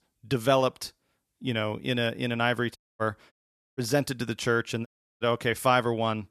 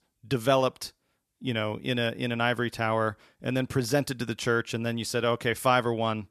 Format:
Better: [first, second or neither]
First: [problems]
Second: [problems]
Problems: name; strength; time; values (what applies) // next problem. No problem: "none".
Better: second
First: audio cutting out; at 3 s, at 3.5 s and at 5 s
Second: none